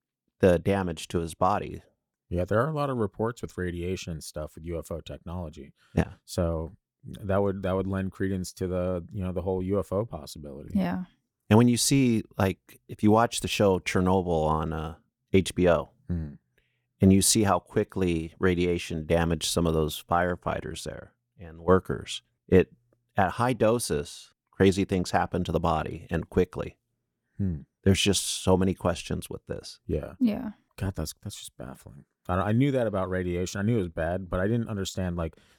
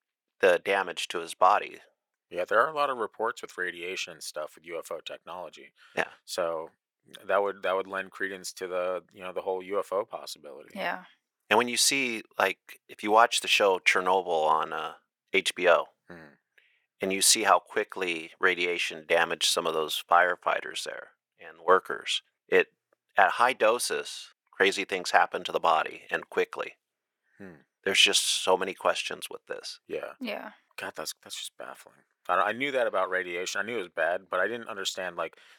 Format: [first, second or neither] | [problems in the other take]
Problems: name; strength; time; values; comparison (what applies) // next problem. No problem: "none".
first | thin; very; fading below 600 Hz